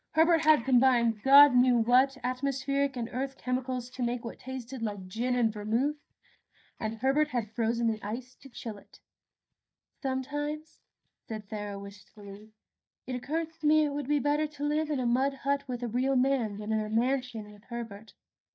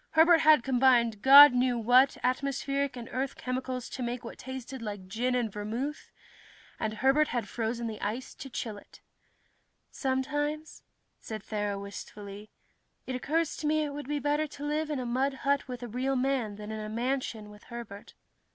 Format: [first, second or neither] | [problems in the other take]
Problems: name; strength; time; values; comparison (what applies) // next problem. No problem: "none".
second | noise reduction (neural mask model DeepFilterNet 3)